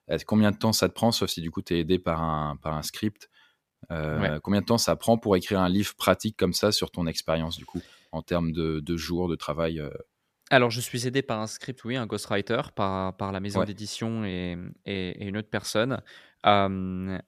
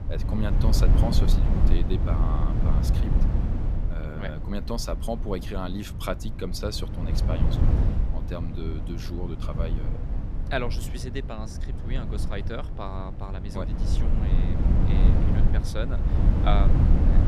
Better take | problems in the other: first | low rumble; loud; throughout; 3 dB below the speech

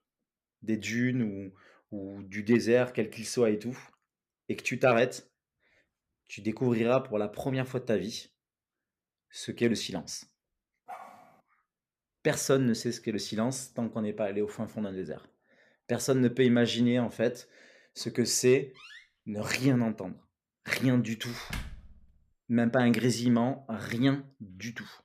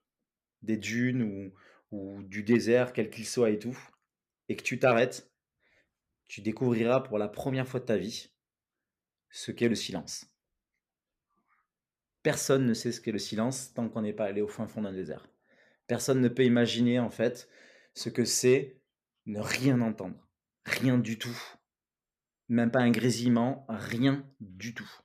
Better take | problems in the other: second | dog barking; faint; at 11 s; peak 15 dB below the speech // door banging; faint; from 19 to 22 s; peak 10 dB below the speech

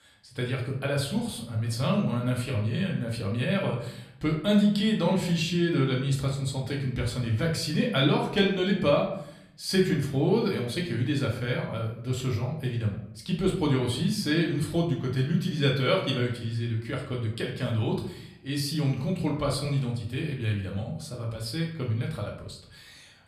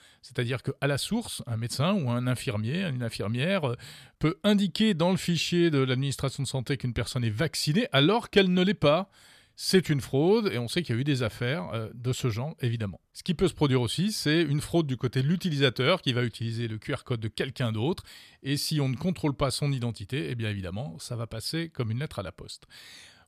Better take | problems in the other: second | room echo; slight; dies away in 0.6 s // off-mic speech; somewhat distant

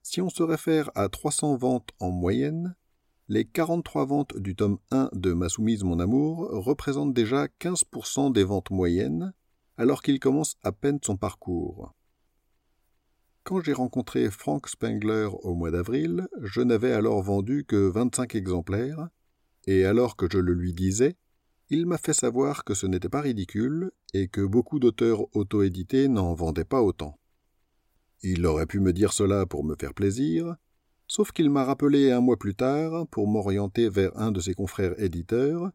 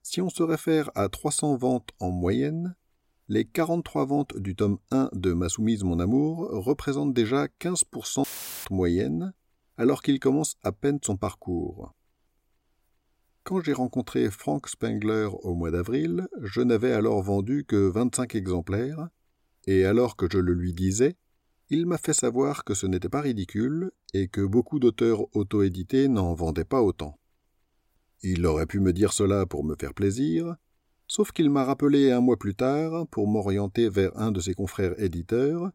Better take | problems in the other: first | audio cutting out; filled with static; at 8 s

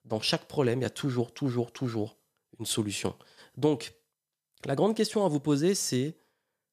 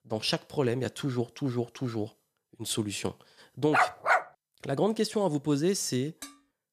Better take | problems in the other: first | dog barking; loud; at 3.5 s; peak 6 dB above the speech // clattering dishes; faint; at 6 s; peak 15 dB below the speech

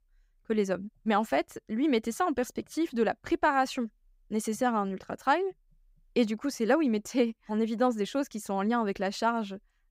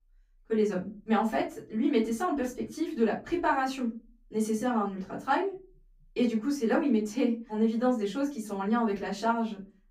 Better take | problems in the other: first | off-mic speech; far // room echo; slight; dies away in 0.3 s

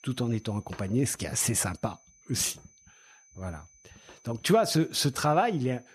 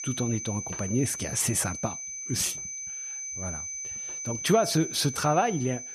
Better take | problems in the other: first | high-pitched whine; loud; throughout; 6 kHz, 7 dB below the speech; faint in the first

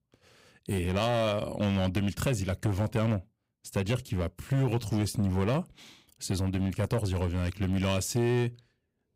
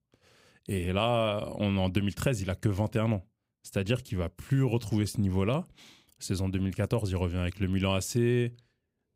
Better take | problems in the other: second | distortion; slight; 7% of the sound clipped

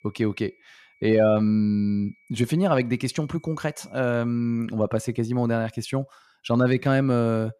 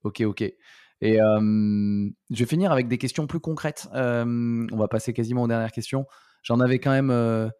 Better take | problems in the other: second | high-pitched whine; faint; until 4.5 s; 2.5 kHz, 35 dB below the speech

